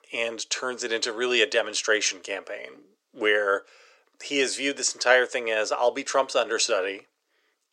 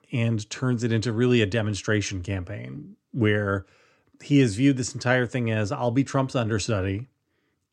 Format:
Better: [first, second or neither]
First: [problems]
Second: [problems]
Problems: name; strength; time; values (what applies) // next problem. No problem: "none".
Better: second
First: thin; very; fading below 500 Hz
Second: none